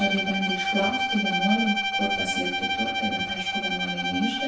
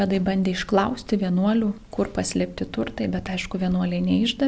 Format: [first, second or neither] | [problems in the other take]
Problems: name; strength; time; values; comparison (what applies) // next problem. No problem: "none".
second | background sound (Bowed string instrument); 2 dB above the speech // room echo; dies away in 0.6 s